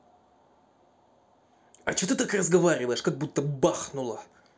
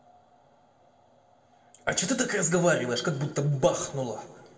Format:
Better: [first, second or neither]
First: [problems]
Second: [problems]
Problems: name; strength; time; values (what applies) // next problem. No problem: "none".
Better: first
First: none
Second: room echo; dies away in 1.8 s